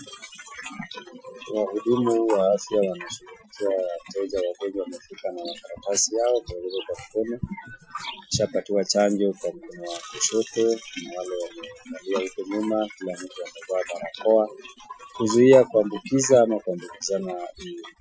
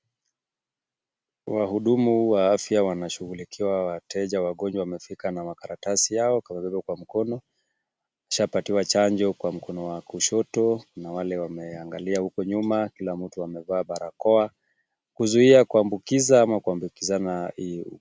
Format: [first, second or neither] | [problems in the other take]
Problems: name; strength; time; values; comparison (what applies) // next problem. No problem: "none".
second | noise reduction (classical method Wiener filter)